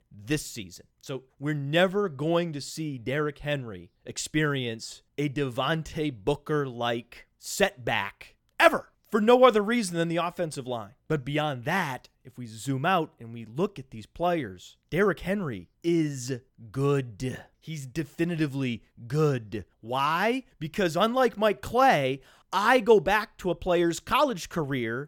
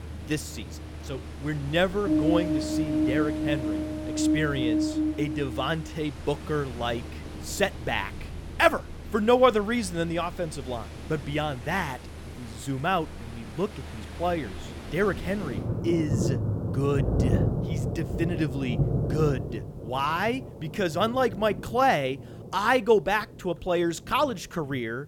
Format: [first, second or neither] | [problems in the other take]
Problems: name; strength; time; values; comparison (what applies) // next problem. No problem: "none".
first | rain or running water; loud; throughout; 4 dB below the speech